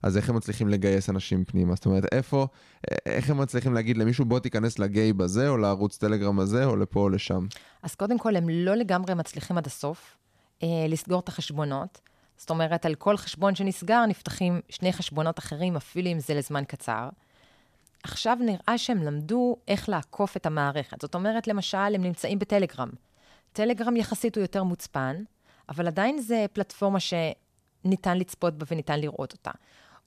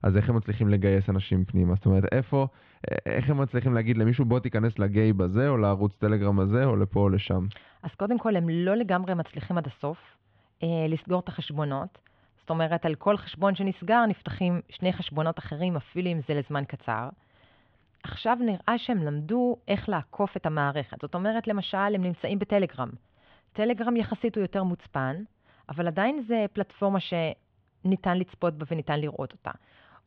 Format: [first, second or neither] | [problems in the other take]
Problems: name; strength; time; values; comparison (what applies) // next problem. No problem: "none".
first | muffled; very; fading above 3 kHz